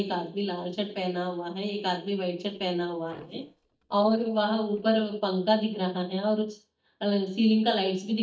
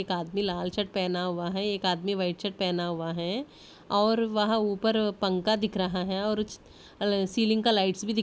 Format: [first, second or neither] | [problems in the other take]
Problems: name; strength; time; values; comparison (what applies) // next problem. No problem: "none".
second | noise reduction (neural mask model DeepFilterNet 3)